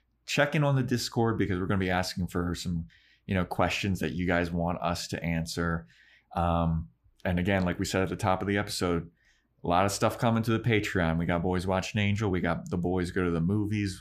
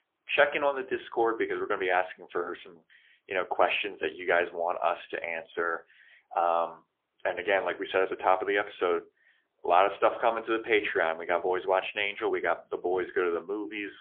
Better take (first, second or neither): first